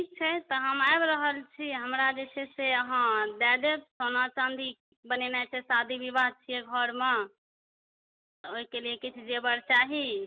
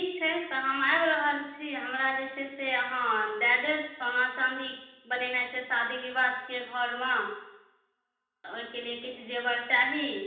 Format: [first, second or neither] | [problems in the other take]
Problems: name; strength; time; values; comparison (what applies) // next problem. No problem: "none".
first | room echo; dies away in 0.9 s